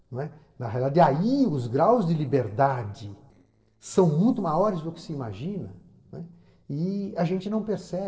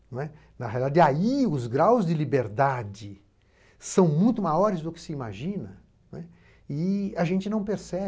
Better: second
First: noise reduction (neural separator model SepFormer DNS4)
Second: none

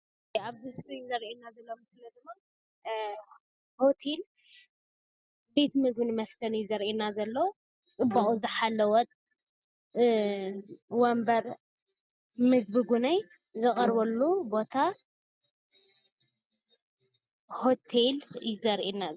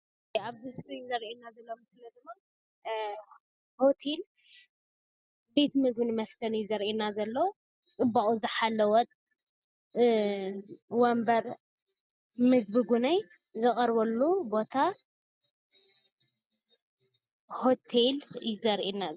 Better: second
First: background sound (Bowed string instrument); 7 dB below the speech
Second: none

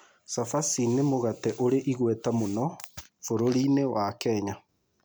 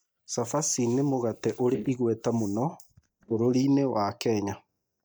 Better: first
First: none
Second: noise reduction (neural mask model DeepFilterNet 3)

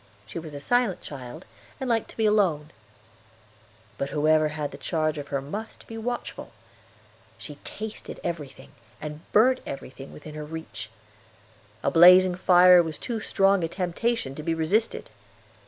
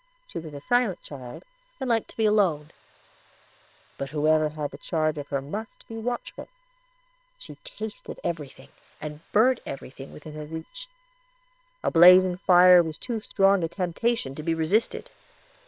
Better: first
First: none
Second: noise reduction (neural separator model SepFormer WHAM!)

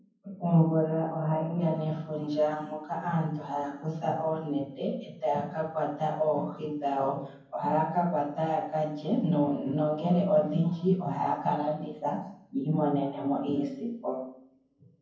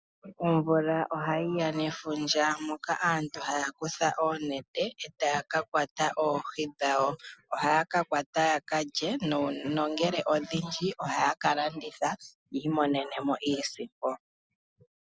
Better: second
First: room echo; dies away in 0.9 s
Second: none

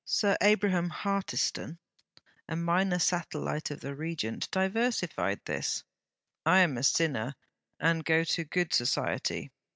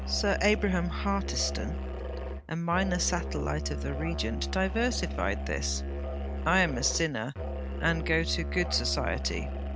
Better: first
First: none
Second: background sound (Musical instrument); 3 dB below the speech

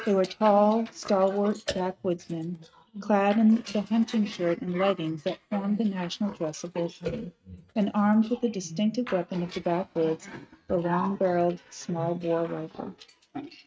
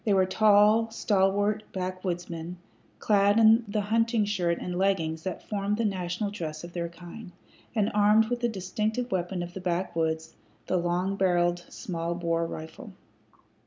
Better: second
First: noise reduction (neural mask model RNNoise)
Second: none

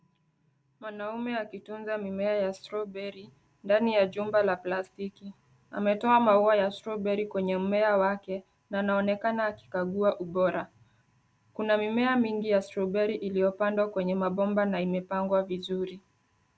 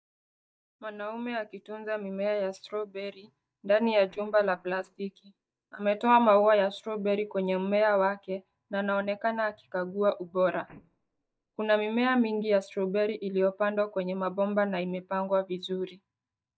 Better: first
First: none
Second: noise reduction (neural mask model DeepFilterNet 3)

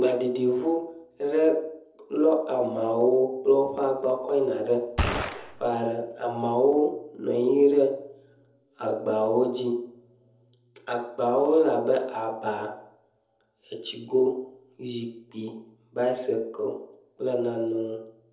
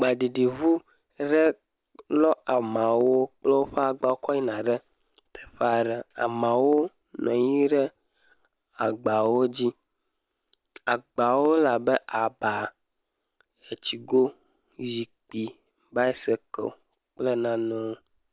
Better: second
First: background sound (Gunshot, gunfire); 2 dB below the speech // room echo; dies away in 0.7 s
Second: none

